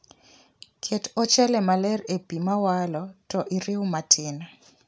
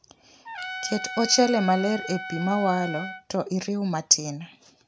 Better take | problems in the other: first | background sound (Trumpet); 10 dB below the speech

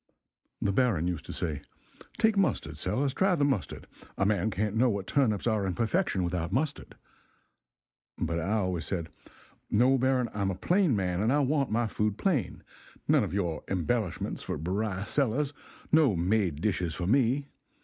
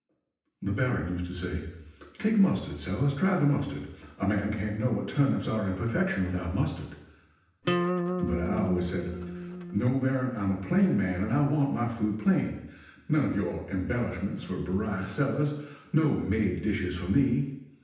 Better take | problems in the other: first | background sound (Acoustic guitar); 3 dB below the speech // room echo; dies away in 0.9 s

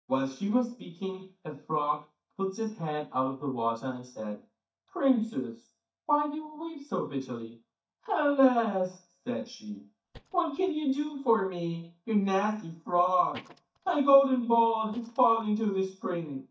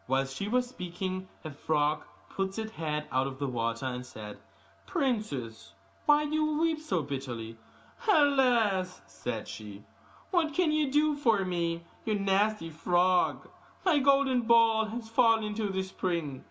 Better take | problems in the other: second | noise reduction (neural mask model DeepFilterNet 3)

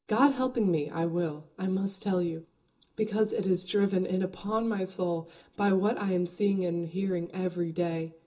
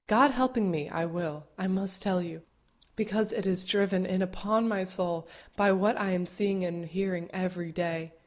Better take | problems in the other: second | room echo; dies away in 0.2 s

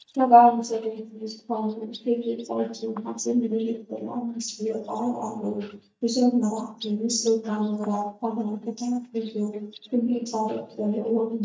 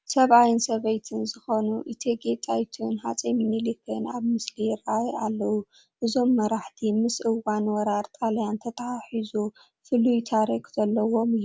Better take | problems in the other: second | noise reduction (neural mask model DeepFilterNet 3)

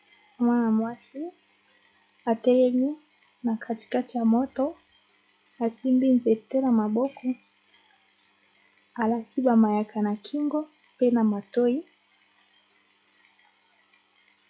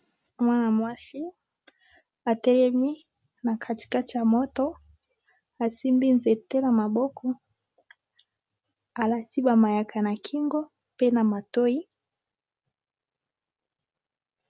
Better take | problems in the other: second | noise reduction (classical method log-MMSE)

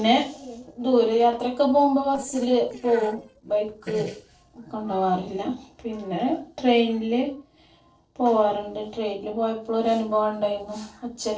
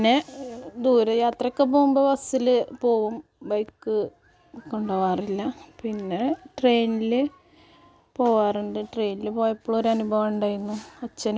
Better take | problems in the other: second | noise reduction (neural separator model SepFormer DNS4)

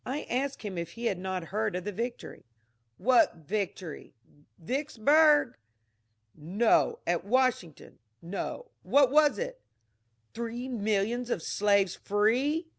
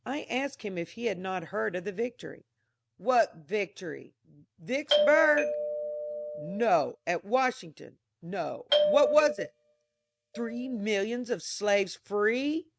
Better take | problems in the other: first | noise reduction (neural mask model RNNoise)

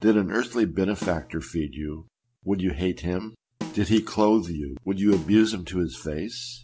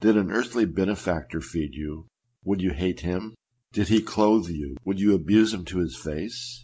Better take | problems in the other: second | background sound (Snare drum); 15 dB below the speech

